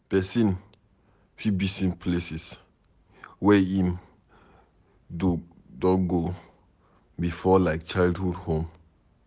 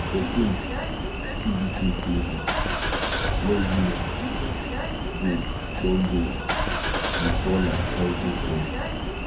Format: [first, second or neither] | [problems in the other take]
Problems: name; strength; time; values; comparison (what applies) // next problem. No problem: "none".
first | background sound (Engine starting / Car); 2 dB above the speech // room echo; dies away in 0.3 s